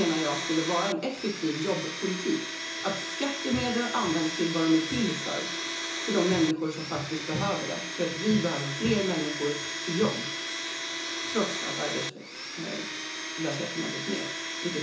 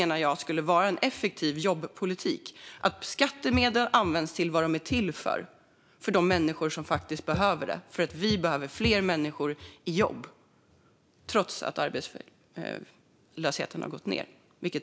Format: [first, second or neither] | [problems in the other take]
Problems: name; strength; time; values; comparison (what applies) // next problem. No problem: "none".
second | background sound (Domestic sounds, home sounds); 4 dB below the speech // room echo; dies away in 0.7 s